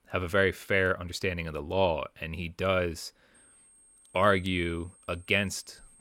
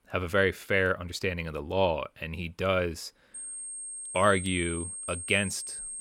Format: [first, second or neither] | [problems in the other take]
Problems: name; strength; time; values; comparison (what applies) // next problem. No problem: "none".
first | high-pitched whine; loud; from 3.5 s on; 8.5 kHz, 7 dB below the speech; faint in the first